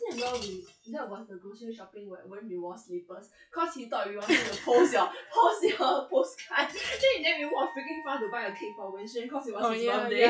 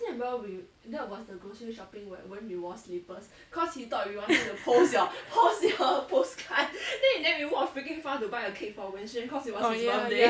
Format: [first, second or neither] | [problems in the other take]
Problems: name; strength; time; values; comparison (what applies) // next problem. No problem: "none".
second | noise reduction (classical method log-MMSE)